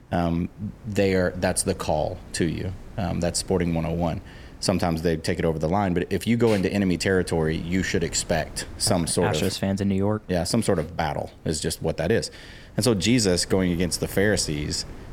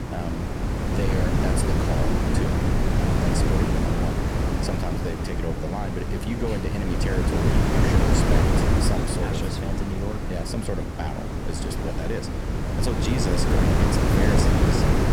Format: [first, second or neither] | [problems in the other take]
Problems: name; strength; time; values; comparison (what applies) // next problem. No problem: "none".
first | wind noise on the microphone; heavy; 5 dB above the speech; occasional gusts in the first